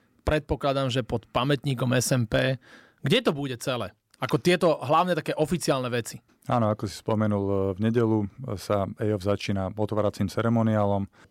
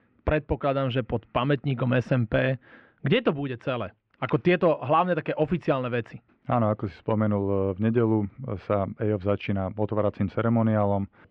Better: first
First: none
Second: muffled; very; fading above 2.5 kHz

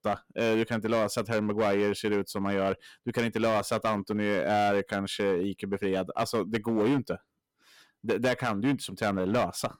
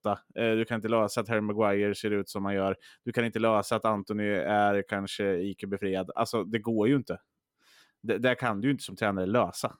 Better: second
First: distortion; slight; 8% of the sound clipped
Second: none

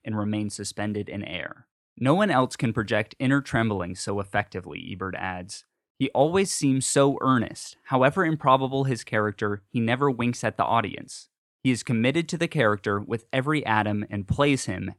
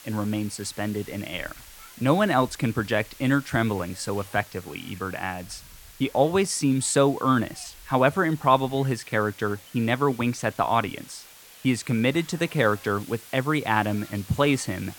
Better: first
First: none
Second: hiss; noticeable; throughout; 20 dB below the speech

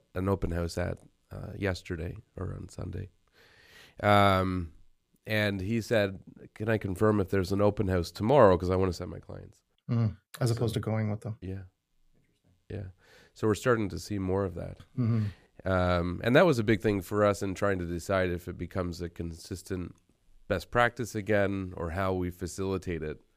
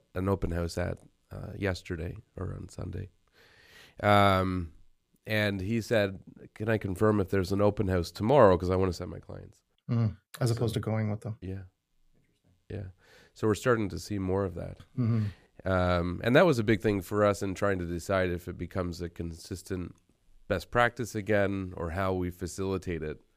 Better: neither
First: none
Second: none

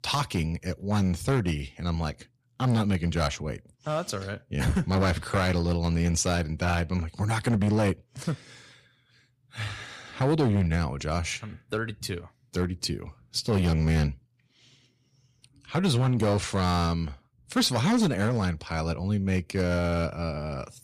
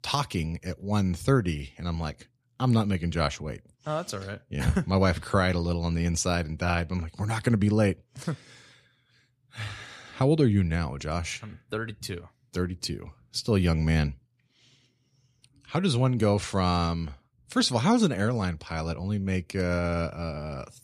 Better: second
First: distortion; slight; 6% of the sound clipped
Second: none

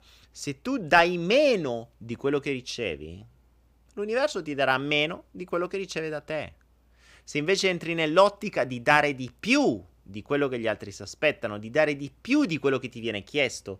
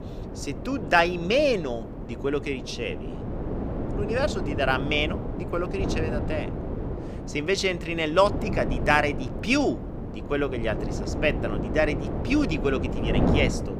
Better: first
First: none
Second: wind noise on the microphone; heavy; 10 dB below the speech

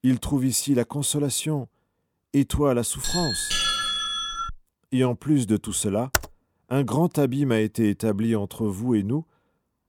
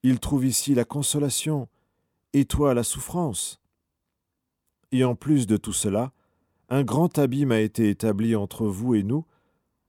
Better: second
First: doorbell; loud; from 3 to 4.5 s; peak 2 dB above the speech // keyboard typing; very faint; at 6 s; peak 2 dB below the speech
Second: none

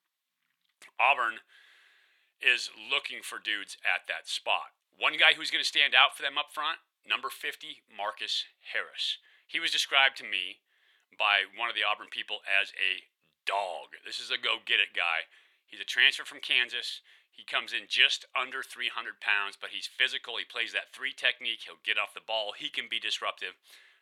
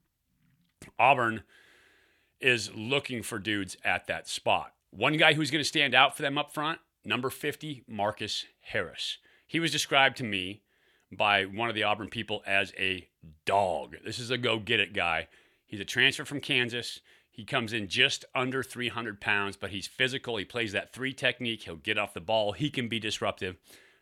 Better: second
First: thin; very; fading below 650 Hz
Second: none

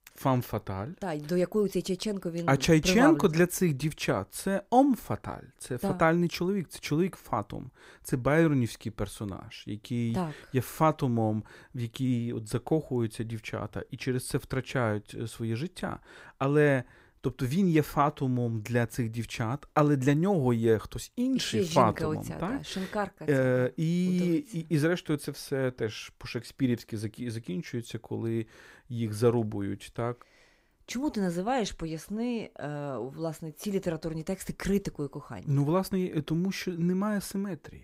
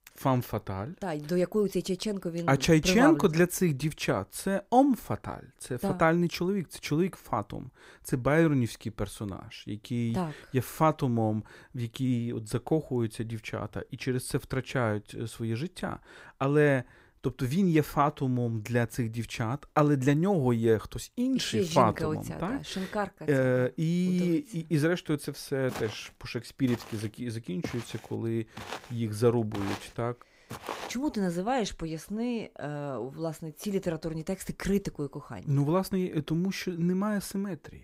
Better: first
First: none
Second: footsteps; noticeable; from 26 to 31 s; peak 9 dB below the speech

